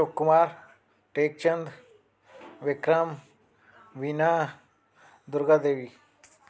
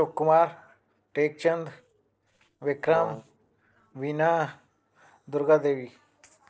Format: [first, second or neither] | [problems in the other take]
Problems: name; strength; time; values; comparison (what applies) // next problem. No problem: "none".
first | noise reduction (neural separator model SepFormer DNS4)